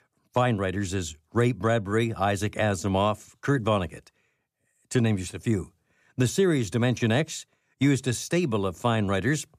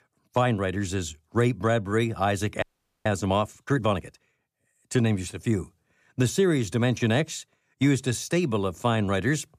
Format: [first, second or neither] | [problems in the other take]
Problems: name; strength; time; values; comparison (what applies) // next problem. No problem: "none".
first | audio freezing; at 2.5 s